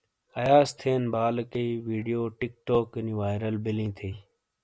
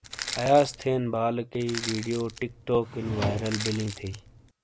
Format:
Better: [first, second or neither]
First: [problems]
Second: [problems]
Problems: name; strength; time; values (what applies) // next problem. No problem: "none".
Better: first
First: none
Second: background sound (Drawer open or close + Crushing); 9 dB below the speech